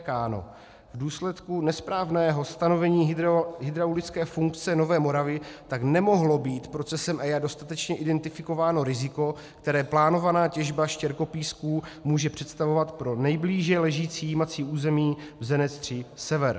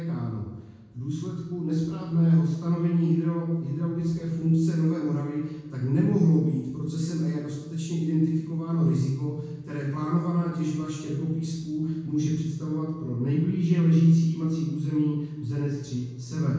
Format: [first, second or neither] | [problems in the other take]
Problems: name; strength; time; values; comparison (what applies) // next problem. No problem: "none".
first | room echo; dies away in 1.1 s